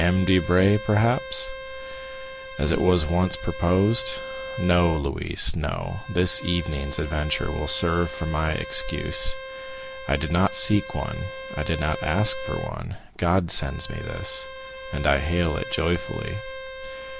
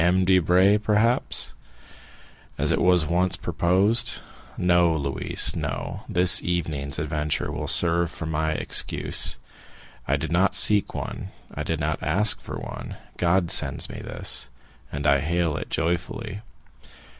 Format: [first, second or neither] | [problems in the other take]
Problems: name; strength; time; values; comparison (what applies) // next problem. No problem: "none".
second | background sound (Bowed string instrument); 12 dB below the speech